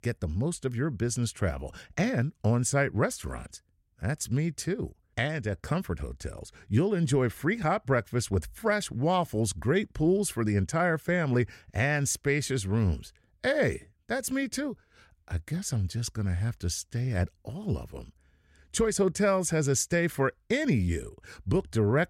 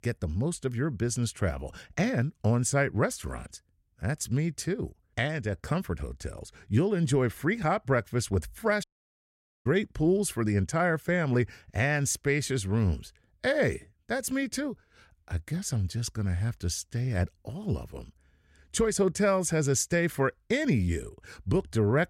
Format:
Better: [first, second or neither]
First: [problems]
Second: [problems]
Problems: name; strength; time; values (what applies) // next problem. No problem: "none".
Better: first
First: none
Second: audio cutting out; at 9 s for 1 s